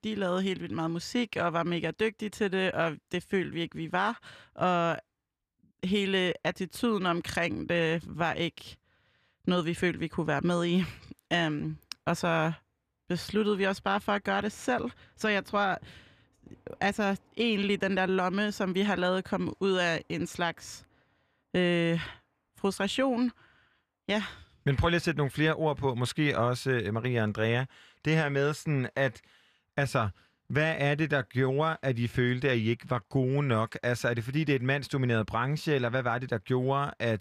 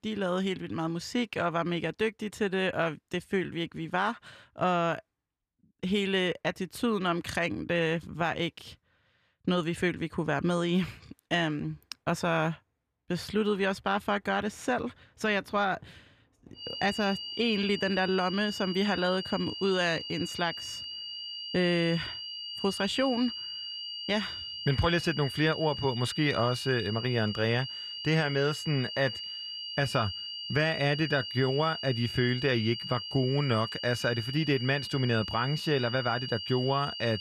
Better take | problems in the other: first | high-pitched whine; loud; from 17 s on; 3 kHz, 7 dB below the speech

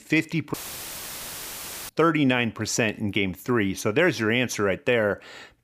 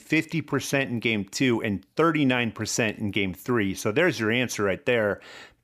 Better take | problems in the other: second | audio cutting out; filled with static; at 0.5 s for 1.5 s

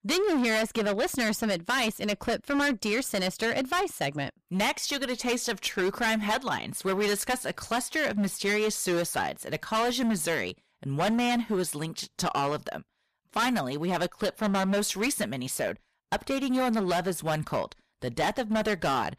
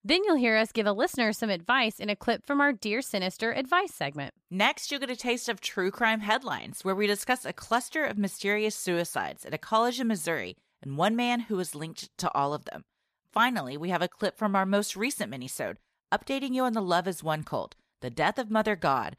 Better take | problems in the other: second | distortion; heavy; 15% of the sound clipped

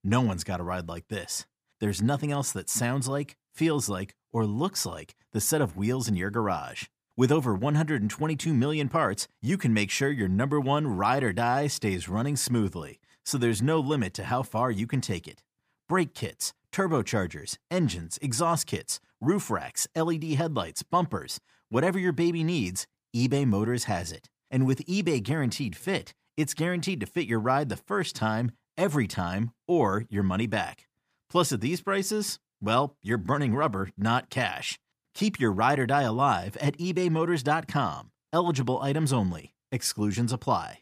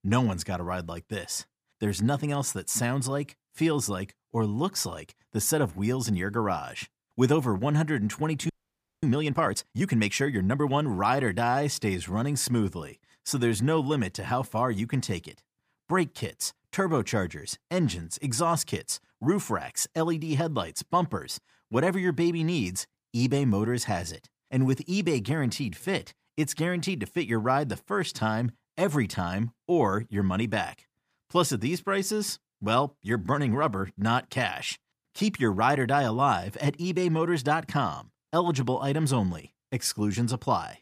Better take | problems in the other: first | audio freezing; at 8.5 s for 0.5 s

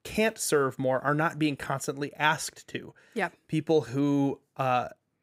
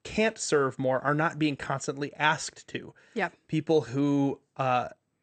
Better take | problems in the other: first | garbled, watery; slightly; nothing above 8.5 kHz

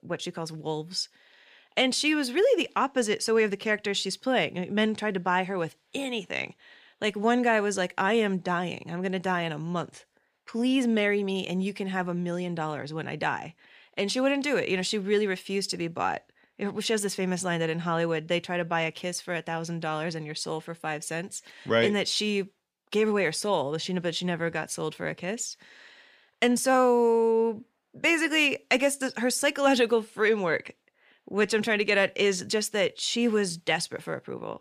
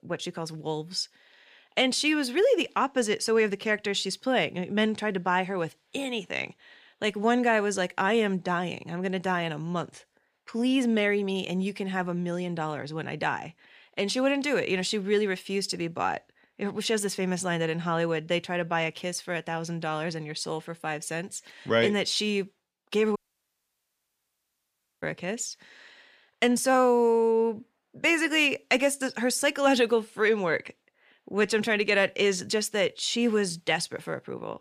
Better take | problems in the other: first | audio cutting out; at 23 s for 2 s

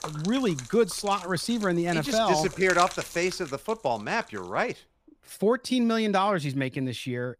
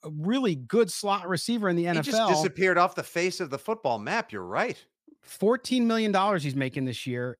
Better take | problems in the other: second | rain or running water; noticeable; throughout; 15 dB below the speech

